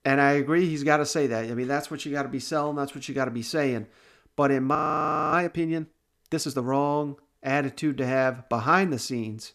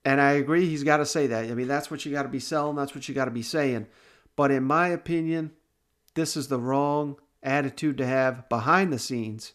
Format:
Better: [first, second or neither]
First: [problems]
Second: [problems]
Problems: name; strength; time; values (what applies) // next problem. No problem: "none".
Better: second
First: audio freezing; at 5 s for 0.5 s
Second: none